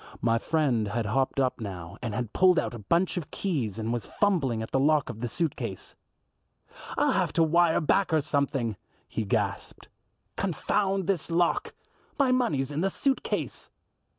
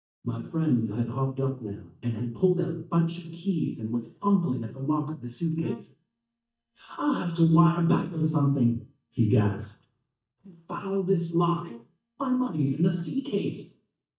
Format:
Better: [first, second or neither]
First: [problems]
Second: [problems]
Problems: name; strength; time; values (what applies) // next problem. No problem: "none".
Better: first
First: none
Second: noise reduction (neural mask model DeepFilterNet 3)